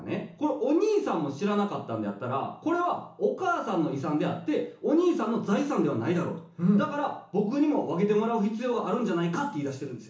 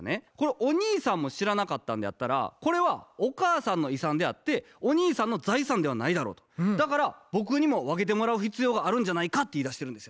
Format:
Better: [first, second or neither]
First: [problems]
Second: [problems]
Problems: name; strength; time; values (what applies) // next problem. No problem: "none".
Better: second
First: room echo; dies away in 0.8 s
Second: none